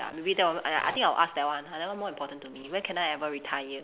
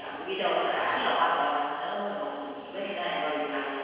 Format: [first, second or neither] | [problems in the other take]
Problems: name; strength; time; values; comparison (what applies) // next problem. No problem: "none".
first | room echo; dies away in 1.9 s